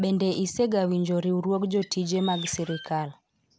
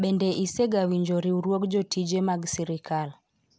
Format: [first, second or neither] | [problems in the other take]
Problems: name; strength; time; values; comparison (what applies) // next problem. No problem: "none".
second | background sound (Bird); 16 dB below the speech